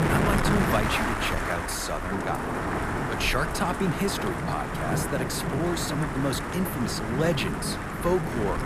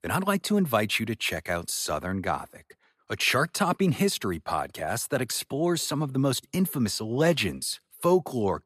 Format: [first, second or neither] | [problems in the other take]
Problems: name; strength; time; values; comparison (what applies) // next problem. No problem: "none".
second | wind noise on the microphone; heavy; 1 dB above the speech